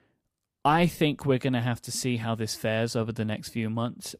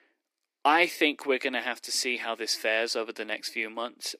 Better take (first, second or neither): first